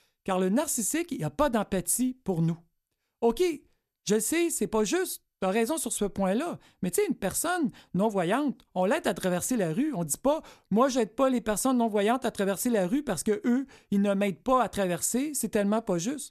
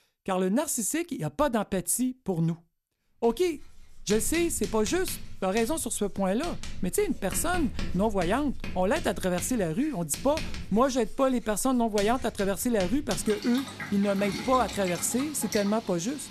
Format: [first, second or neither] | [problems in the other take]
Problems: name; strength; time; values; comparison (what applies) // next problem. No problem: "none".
first | household noises; noticeable; from 3.5 s on; 10 dB below the speech